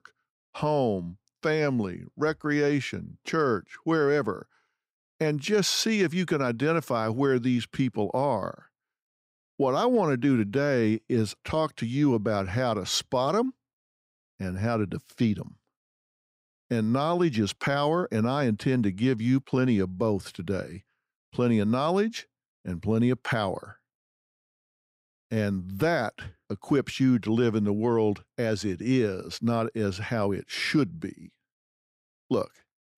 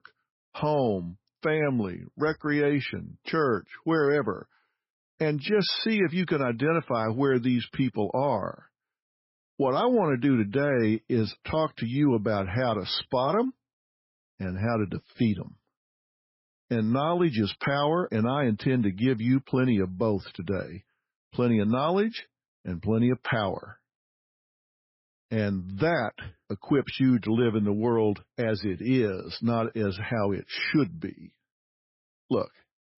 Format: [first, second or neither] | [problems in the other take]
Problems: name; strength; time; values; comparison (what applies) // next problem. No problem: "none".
first | garbled, watery; badly; nothing above 5.5 kHz